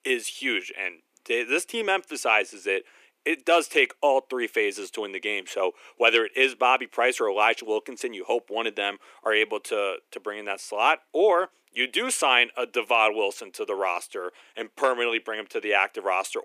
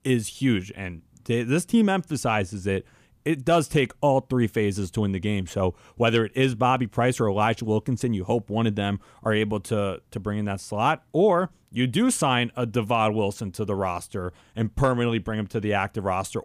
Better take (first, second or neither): second